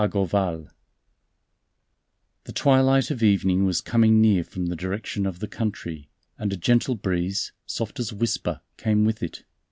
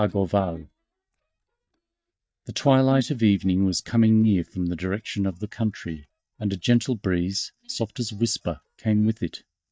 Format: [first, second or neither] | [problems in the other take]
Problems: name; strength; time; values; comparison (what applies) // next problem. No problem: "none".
first | noise reduction (neural mask model DeepFilterNet 3)